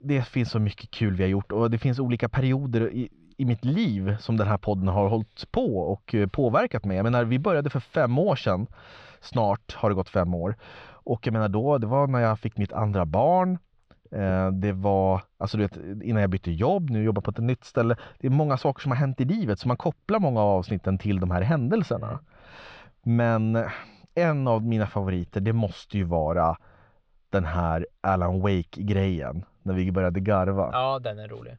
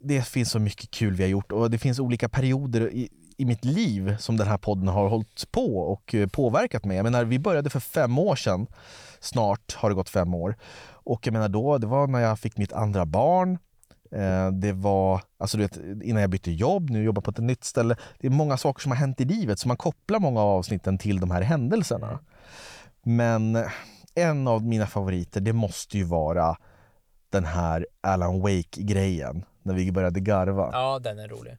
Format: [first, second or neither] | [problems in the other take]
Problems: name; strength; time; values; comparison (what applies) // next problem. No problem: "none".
second | muffled; slightly; fading above 3.5 kHz